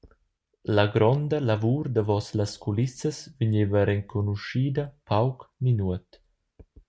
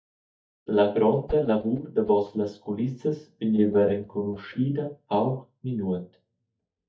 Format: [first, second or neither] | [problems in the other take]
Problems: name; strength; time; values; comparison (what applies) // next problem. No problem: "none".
first | noise reduction (neural mask model DeepFilterNet 3)